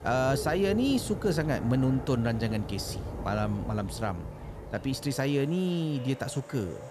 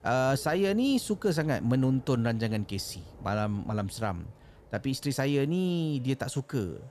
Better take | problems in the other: second | animal sounds; loud; throughout; 10 dB below the speech; faint in the second

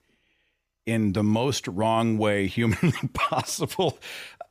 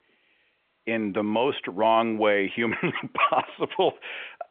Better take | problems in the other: first | phone-call audio; nothing above 3.5 kHz

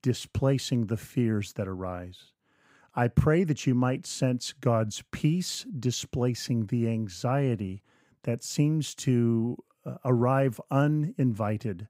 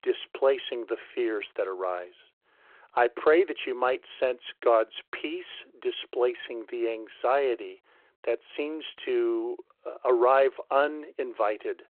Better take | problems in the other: first | phone-call audio

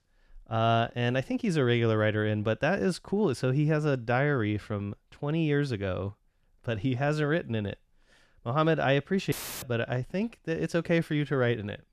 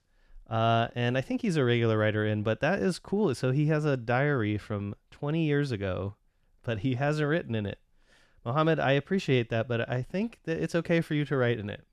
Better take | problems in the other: second | audio cutting out; filled with static; at 9.5 s

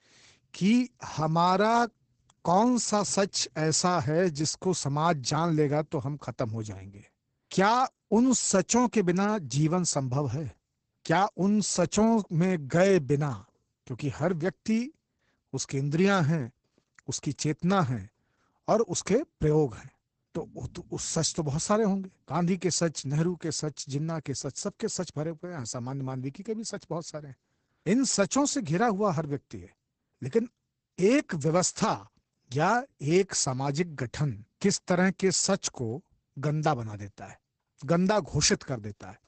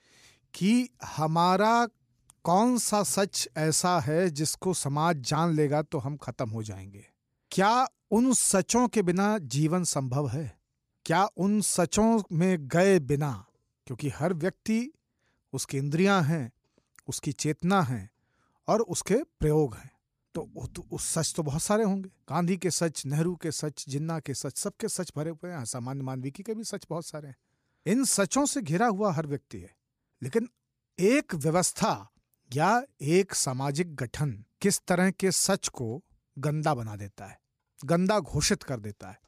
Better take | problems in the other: second | garbled, watery; badly; nothing above 8 kHz

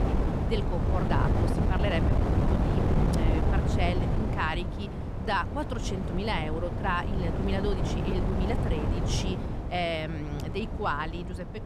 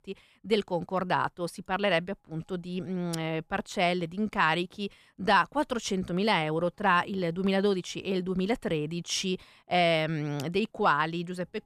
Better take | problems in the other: second | wind noise on the microphone; heavy; 3 dB below the speech

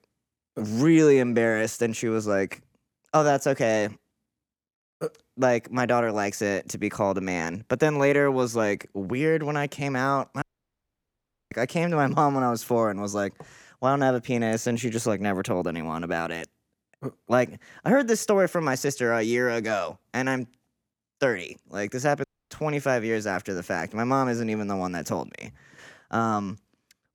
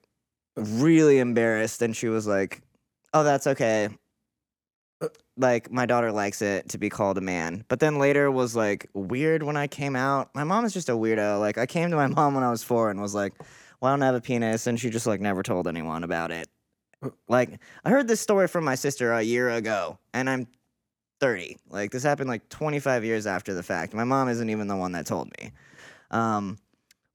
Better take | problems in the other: second | audio cutting out; at 10 s for 1 s and at 22 s

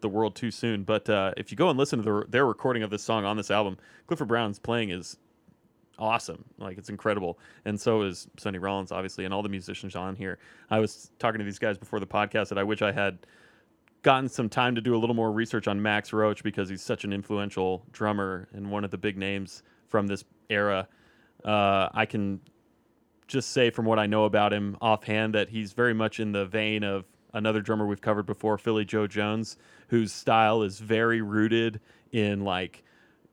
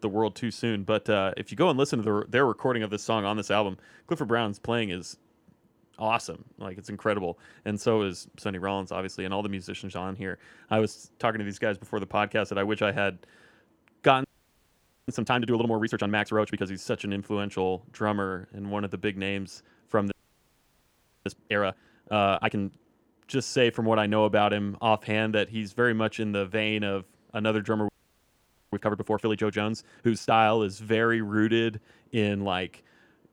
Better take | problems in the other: first | audio freezing; at 14 s for 1 s, at 20 s for 1 s and at 28 s for 1 s

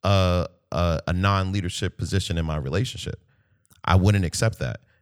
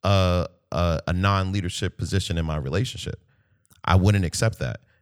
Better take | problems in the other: neither | none

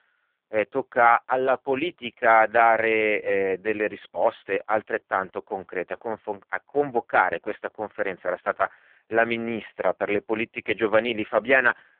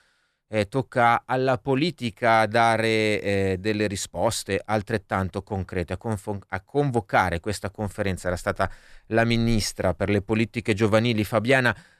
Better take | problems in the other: second | phone-call audio; poor line

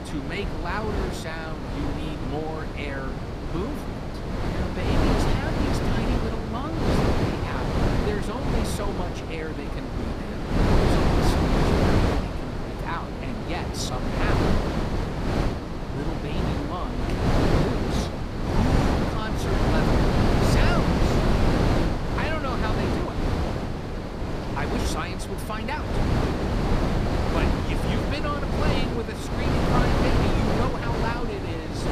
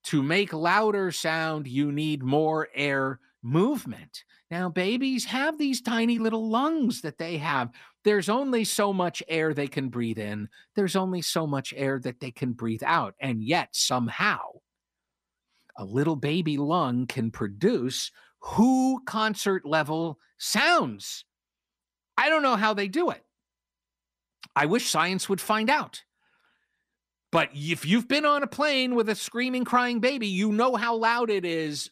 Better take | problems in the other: second | wind noise on the microphone; heavy; 4 dB above the speech

